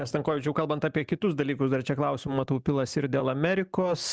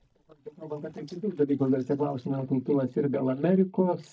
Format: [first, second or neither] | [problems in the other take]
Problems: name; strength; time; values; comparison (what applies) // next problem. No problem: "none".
first | noise reduction (neural mask model DeepFilterNet 3)